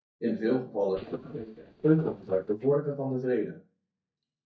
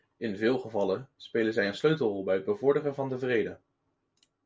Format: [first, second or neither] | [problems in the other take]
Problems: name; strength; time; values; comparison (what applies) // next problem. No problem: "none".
second | noise reduction (neural mask model DeepFilterNet 3)